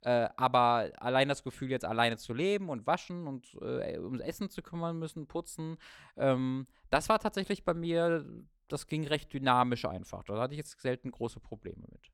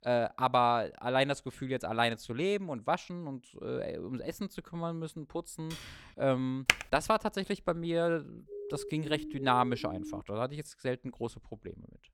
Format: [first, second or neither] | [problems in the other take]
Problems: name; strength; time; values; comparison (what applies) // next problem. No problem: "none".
first | keyboard typing; faint; at 5.5 s; peak 15 dB below the speech // keyboard typing; very faint; at 6.5 s; peak 4 dB above the speech // siren; noticeable; from 8.5 to 10 s; peak 9 dB below the speech